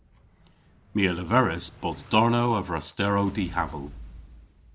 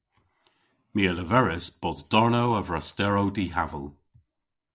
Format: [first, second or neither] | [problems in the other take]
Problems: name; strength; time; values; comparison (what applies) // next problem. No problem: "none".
second | background sound (Explosion); 19 dB below the speech